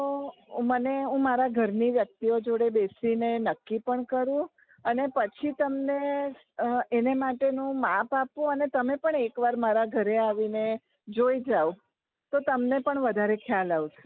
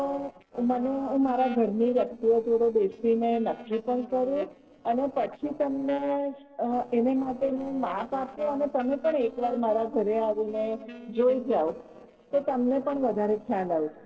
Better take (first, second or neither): first